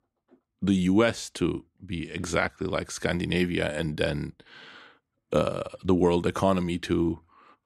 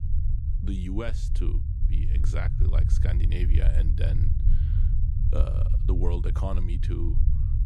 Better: first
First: none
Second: low rumble; loud; throughout; 4 dB below the speech

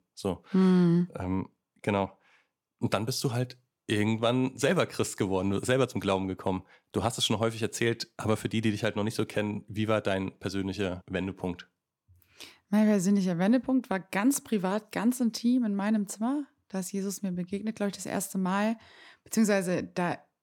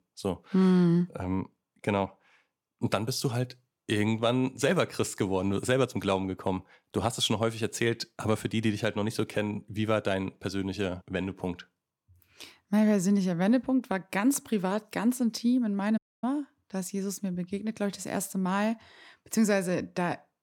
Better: first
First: none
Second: audio cutting out; at 16 s

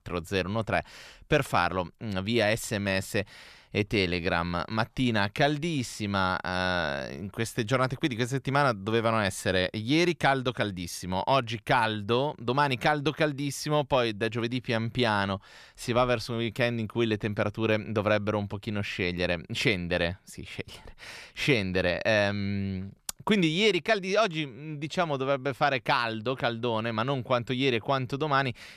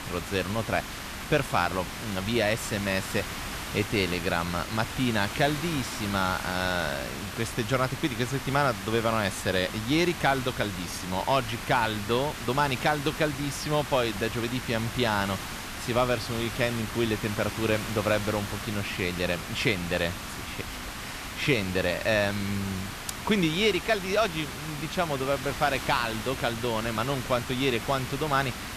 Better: first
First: none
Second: hiss; loud; throughout; 7 dB below the speech

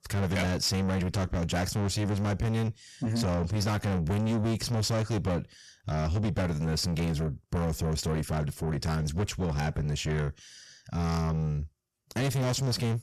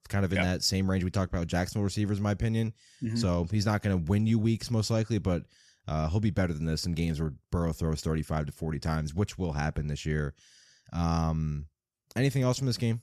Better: second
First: distortion; heavy; 7 dB below the speech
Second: none

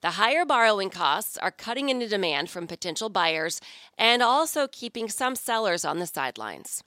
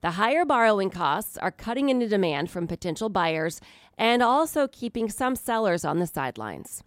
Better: second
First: thin; very slightly; fading below 1 kHz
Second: none

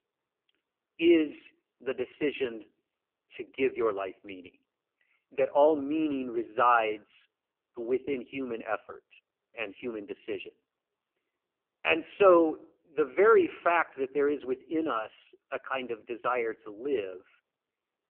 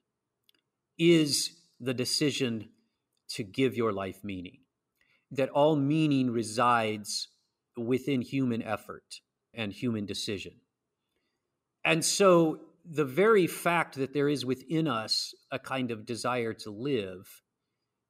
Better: second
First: phone-call audio; poor line; nothing above 3 kHz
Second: none

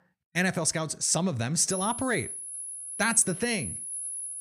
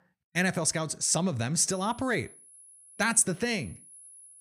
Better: second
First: high-pitched whine; loud; from 1.5 s on; 10.5 kHz, 7 dB below the speech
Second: high-pitched whine; faint; from 1.5 s on; 10.5 kHz, 20 dB below the speech

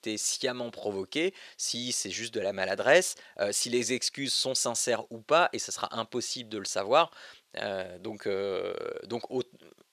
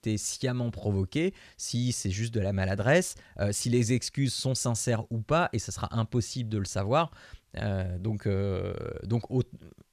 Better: second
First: thin; very; fading below 450 Hz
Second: none

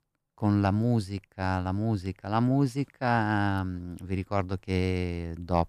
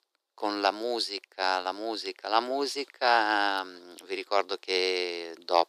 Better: first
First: none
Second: thin; very; fading below 350 Hz

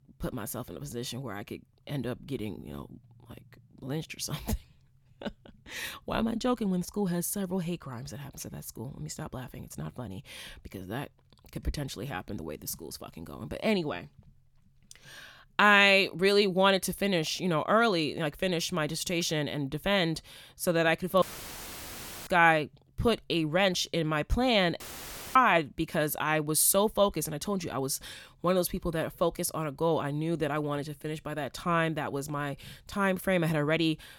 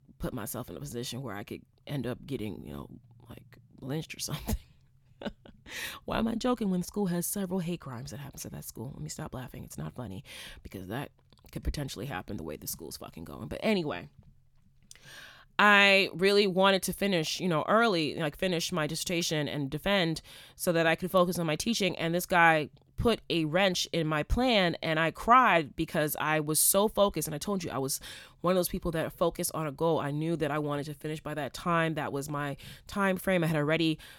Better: second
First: audio cutting out; filled with static; at 21 s for 1 s and at 25 s for 0.5 s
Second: none

